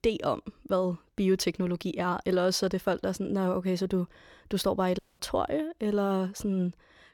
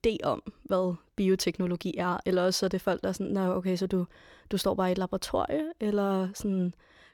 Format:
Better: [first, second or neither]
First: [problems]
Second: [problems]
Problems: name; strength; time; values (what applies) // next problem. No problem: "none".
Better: second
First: audio cutting out; at 5 s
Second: none